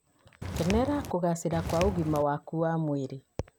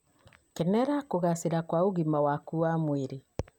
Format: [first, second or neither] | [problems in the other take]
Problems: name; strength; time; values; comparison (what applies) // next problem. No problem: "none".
second | background sound (Walk, footsteps); 5 dB below the speech